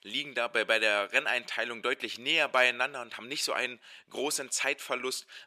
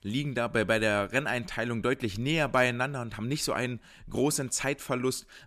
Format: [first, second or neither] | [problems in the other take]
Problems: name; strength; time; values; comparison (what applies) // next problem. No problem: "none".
second | thin; somewhat; fading below 500 Hz